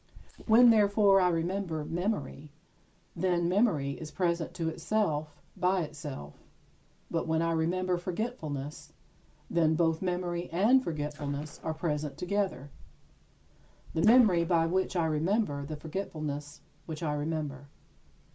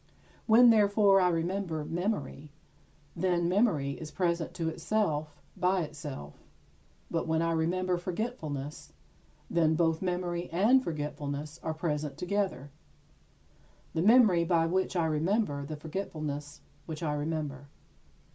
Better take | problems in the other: second | noise reduction (neural mask model Resemble Enhance denoiser)

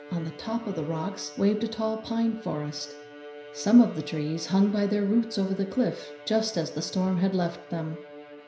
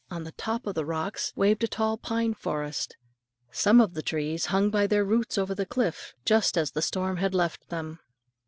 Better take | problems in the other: second | background sound (Bowed string instrument); 17 dB below the speech // room echo; dies away in 0.5 s

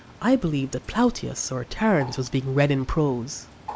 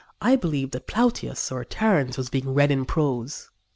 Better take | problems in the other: second | background sound (Bird); 19 dB below the speech

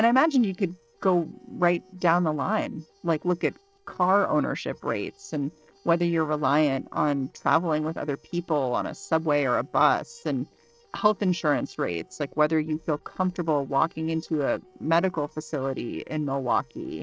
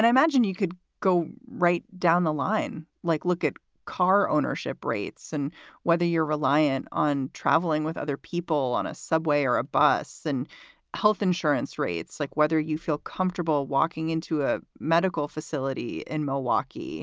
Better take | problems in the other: second | noise reduction (neural separator model SepFormer DNS4)

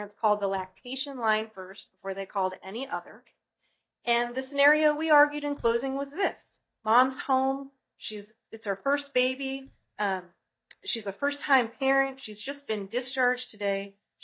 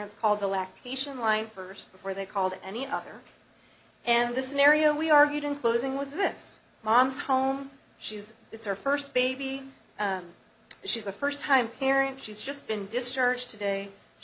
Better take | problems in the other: second | noise reduction (neural mask model DeepFilterNet 3)

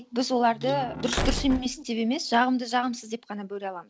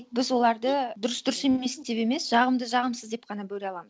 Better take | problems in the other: second | background sound (Slam); 4 dB below the speech

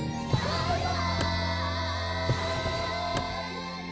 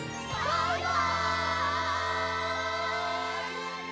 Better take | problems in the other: second | background sound (Drawer open or close); 6 dB below the speech // room echo; dies away in 0.5 s

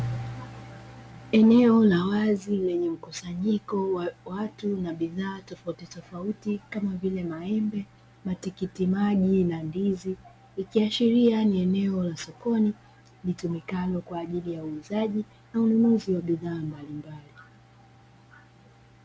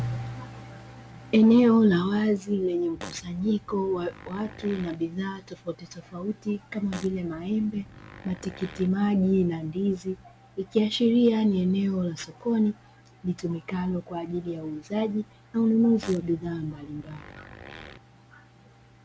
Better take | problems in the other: first | background sound (Fart); 19 dB below the speech

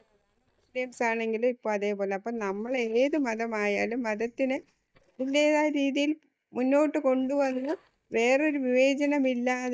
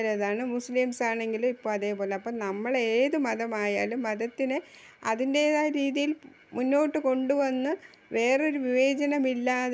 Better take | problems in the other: second | noise reduction (neural mask model DeepFilterNet 3)

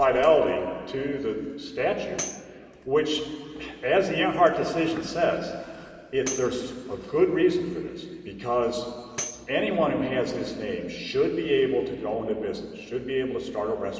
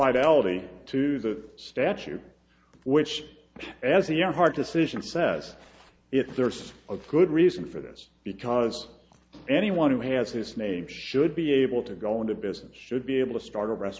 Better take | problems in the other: second | background sound (Tambourine); 14 dB below the speech // room echo; dies away in 2.7 s

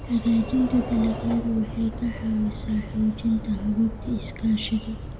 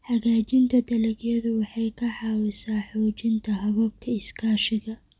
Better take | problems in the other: second | background sound (Sliding door); 8 dB below the speech // room echo; dies away in 1 s

